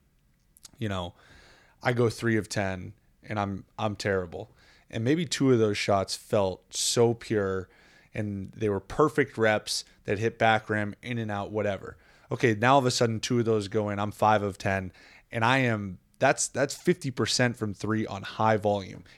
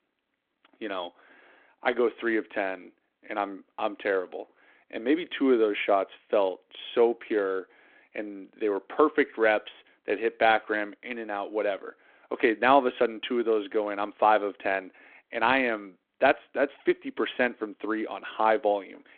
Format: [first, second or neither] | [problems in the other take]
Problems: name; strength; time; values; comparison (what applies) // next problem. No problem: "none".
first | phone-call audio